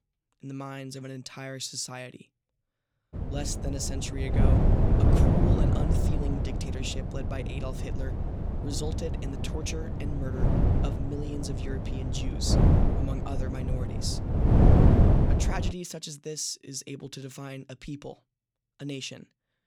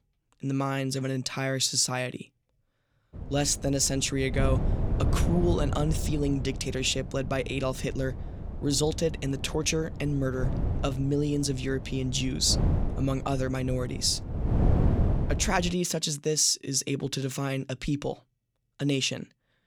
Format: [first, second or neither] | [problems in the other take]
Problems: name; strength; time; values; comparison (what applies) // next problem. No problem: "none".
second | wind noise on the microphone; heavy; from 3 to 16 s; 3 dB above the speech; occasional gusts in the second